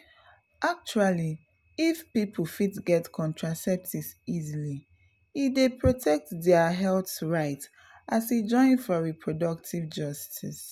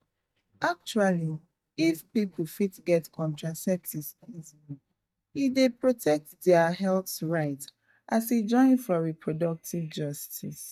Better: first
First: none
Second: noise reduction (neural mask model DeepFilterNet 3)

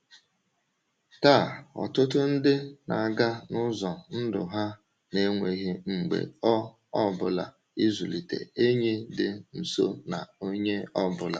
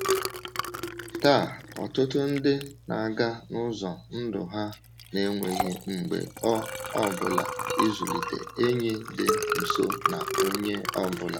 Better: first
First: none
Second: background sound (Liquid); 3 dB below the speech

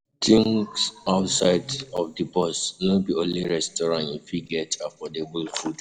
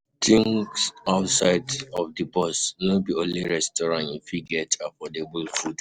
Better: second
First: room echo; dies away in 0.8 s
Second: none

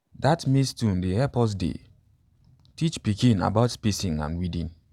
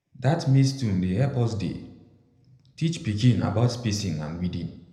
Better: first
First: none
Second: room echo; dies away in 0.7 s

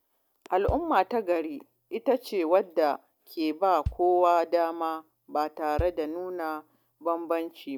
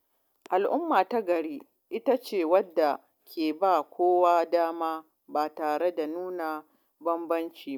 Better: second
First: background sound (Bass drum); 14 dB below the speech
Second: none

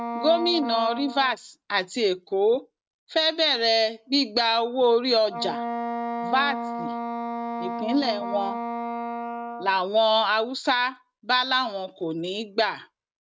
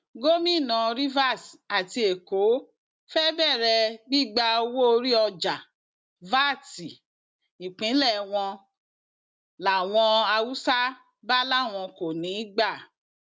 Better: second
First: noise reduction (neural mask model RNNoise)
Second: none

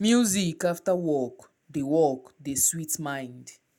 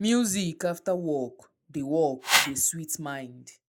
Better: first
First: none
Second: noise reduction (neural mask model Resemble Enhance denoiser)

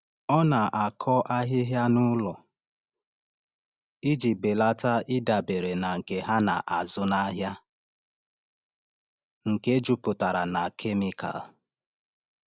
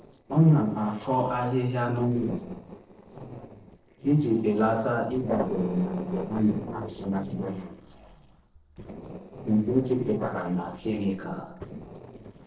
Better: first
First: none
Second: noise reduction (neural separator model SepFormer DNS4)

